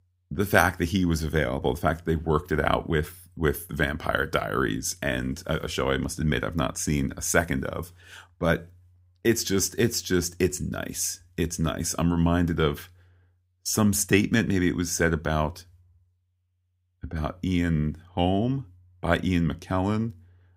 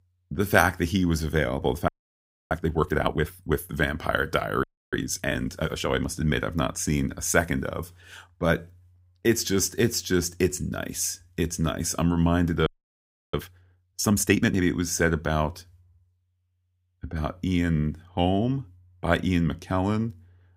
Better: first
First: none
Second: audio freezing; at 2 s for 0.5 s, at 4.5 s and at 13 s for 0.5 s

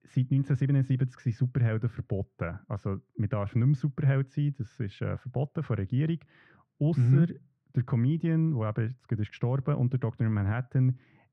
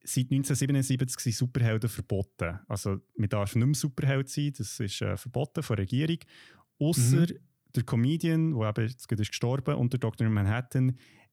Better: second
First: muffled; very; fading above 1.5 kHz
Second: none

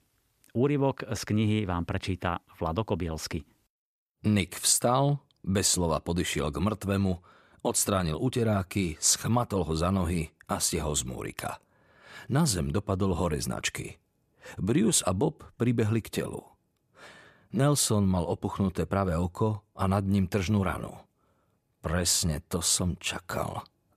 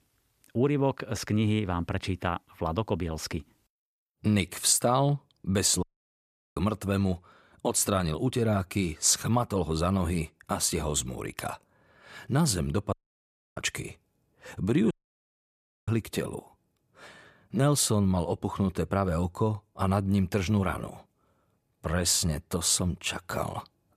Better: first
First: none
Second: audio cutting out; at 6 s for 0.5 s, at 13 s for 0.5 s and at 15 s for 1 s

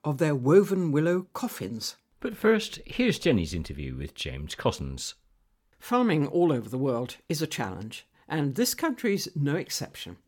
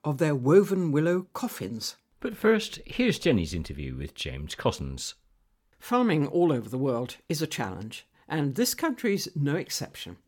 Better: neither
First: none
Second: none

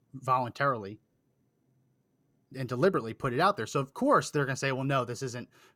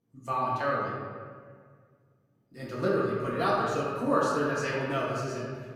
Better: first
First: none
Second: room echo; noticeable; dies away in 1.6 s // off-mic speech; far

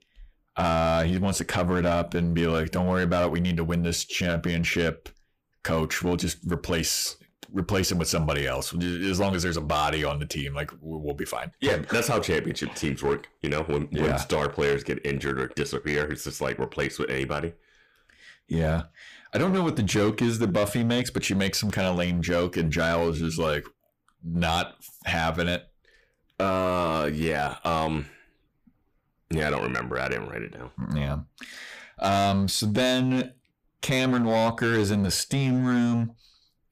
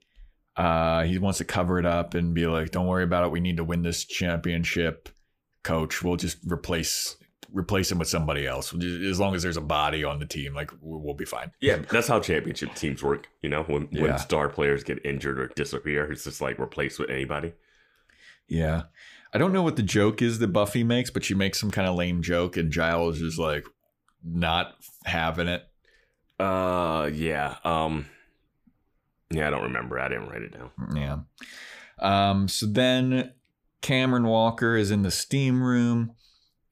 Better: second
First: distortion; slight; 7% of the sound clipped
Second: none

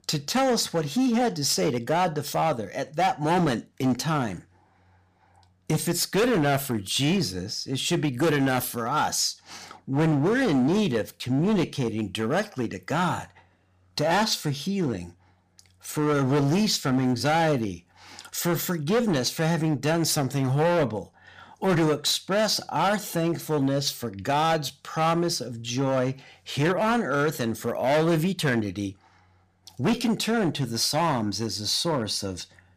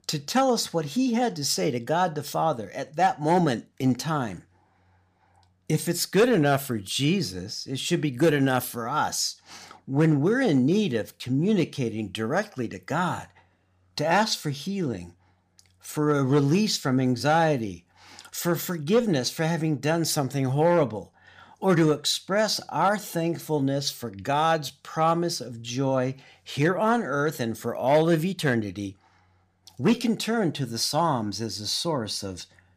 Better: second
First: distortion; slight; 11% of the sound clipped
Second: none

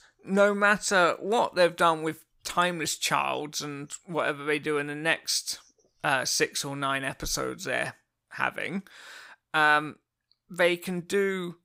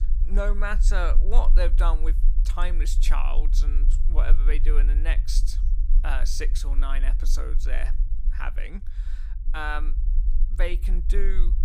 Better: first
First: none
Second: low rumble; noticeable; throughout; 15 dB below the speech

